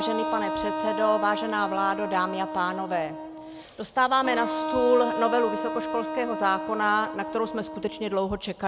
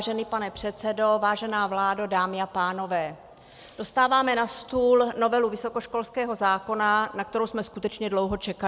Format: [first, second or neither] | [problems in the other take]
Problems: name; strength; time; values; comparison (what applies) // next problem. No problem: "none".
second | background sound (Wind instrument, woodwind instrument); 5 dB below the speech